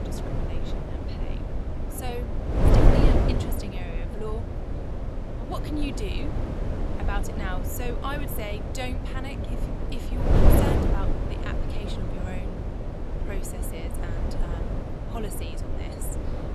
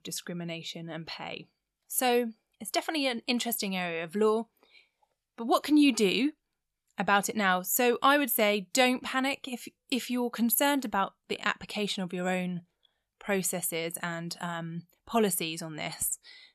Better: second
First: wind noise on the microphone; heavy; 3 dB above the speech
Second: none

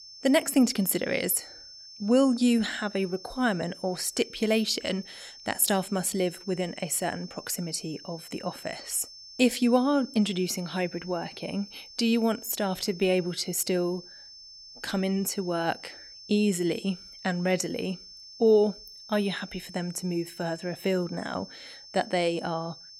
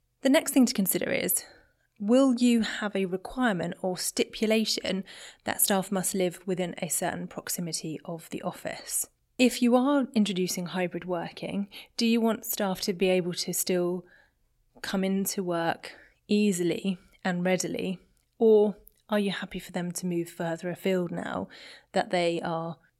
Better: second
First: high-pitched whine; noticeable; throughout; 5.5 kHz, 15 dB below the speech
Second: none

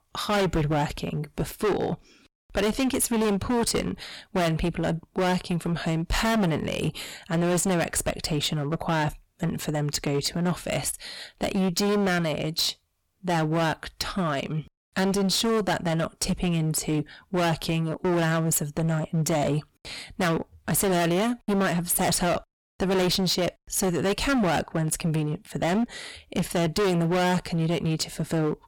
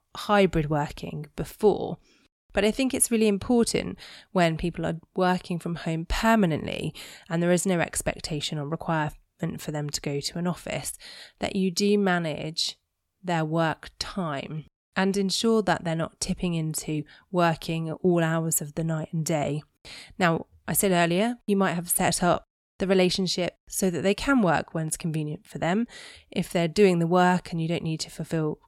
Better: second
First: distortion; heavy; 20% of the sound clipped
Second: none

